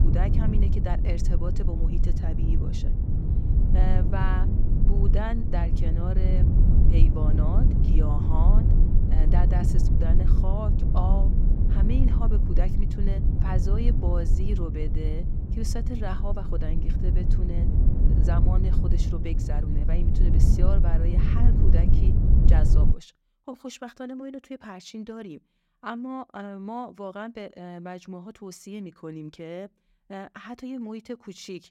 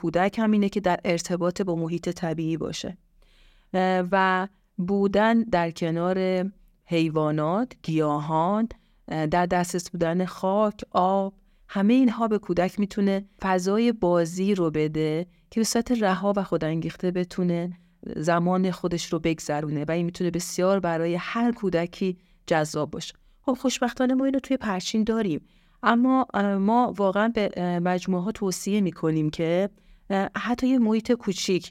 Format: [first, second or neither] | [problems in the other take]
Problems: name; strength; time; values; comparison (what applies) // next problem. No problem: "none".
second | low rumble; loud; until 23 s; 1 dB below the speech